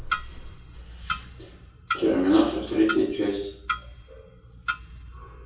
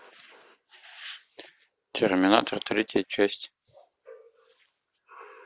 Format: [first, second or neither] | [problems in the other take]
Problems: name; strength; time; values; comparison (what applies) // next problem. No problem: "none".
second | background sound (Clock); 7 dB below the speech // room echo; dies away in 0.6 s